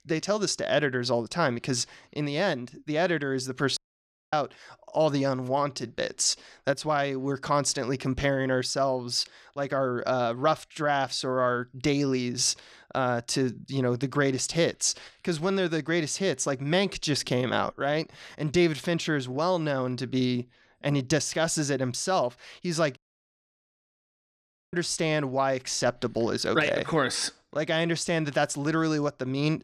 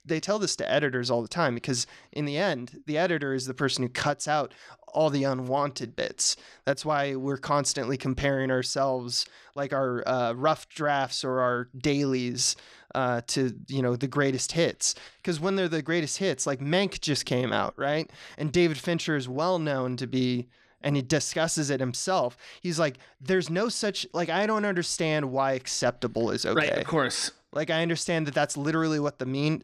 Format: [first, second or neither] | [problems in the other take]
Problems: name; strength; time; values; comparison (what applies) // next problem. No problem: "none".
second | audio cutting out; at 4 s for 0.5 s and at 23 s for 2 s